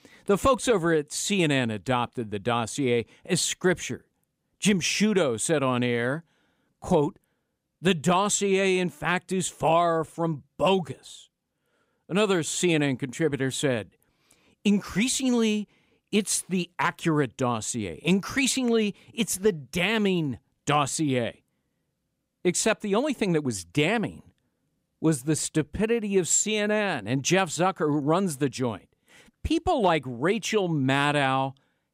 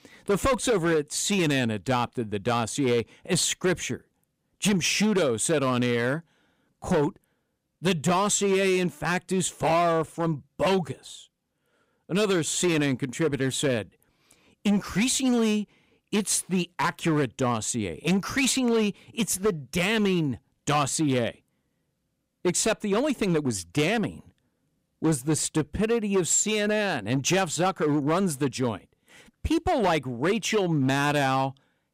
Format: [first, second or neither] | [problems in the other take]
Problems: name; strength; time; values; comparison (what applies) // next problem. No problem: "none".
first | distortion; slight; 8% of the sound clipped